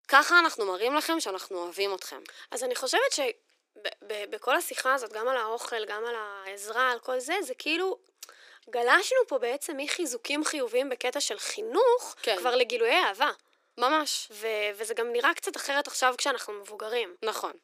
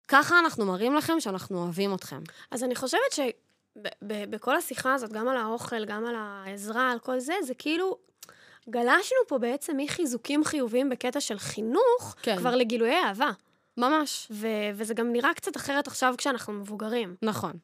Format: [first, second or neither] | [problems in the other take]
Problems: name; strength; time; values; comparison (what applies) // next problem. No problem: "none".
second | thin; somewhat; fading below 350 Hz